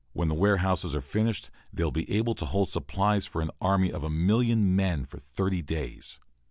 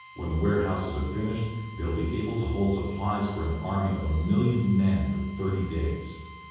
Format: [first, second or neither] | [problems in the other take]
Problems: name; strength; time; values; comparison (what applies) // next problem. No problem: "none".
first | background sound (Drill); 20 dB below the speech // room echo; dies away in 1.3 s